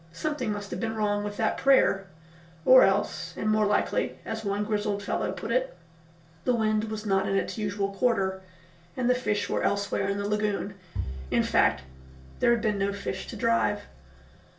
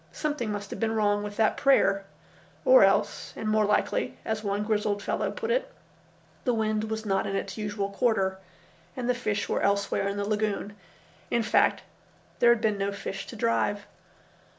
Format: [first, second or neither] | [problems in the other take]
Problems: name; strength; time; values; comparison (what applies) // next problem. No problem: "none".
second | background sound (Bowed string instrument); 12 dB below the speech // room echo; dies away in 0.2 s